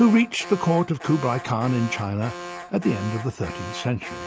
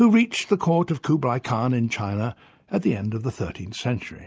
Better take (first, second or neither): second